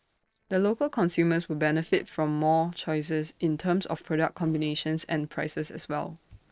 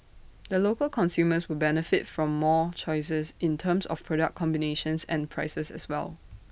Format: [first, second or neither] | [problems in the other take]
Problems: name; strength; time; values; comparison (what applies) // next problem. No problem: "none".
second | noise reduction (neural separator model SepFormer DNS4)